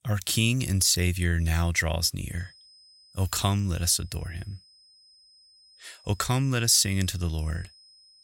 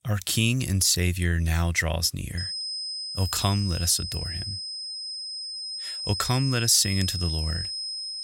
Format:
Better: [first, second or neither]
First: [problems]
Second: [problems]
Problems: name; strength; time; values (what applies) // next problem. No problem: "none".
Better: first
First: high-pitched whine; faint; from 2.5 s on; 5 kHz, 30 dB below the speech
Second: high-pitched whine; loud; from 2.5 s on; 5 kHz, 6 dB below the speech